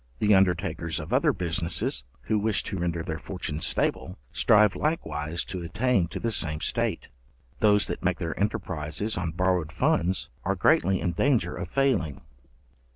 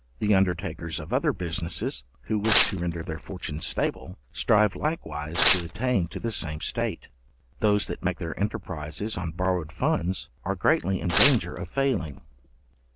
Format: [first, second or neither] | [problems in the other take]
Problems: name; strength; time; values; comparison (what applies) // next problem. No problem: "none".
first | background sound (Tearing); 3 dB below the speech